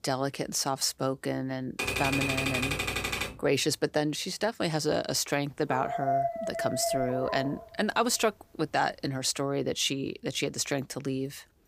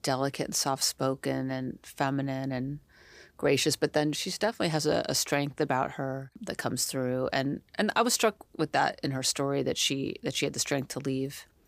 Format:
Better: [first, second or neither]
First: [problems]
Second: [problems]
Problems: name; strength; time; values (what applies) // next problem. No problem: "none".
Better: second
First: keyboard typing; loud; from 2 to 3.5 s; peak 2 dB above the speech // dog barking; loud; from 5.5 to 7.5 s; peak 1 dB above the speech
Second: none